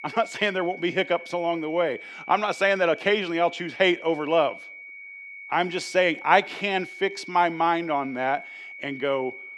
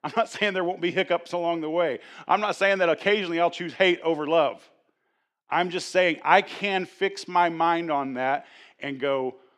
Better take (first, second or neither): second